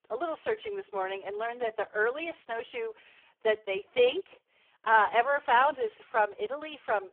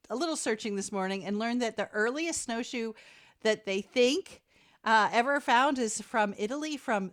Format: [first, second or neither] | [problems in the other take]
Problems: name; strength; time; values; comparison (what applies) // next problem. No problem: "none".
second | phone-call audio; poor line; nothing above 3 kHz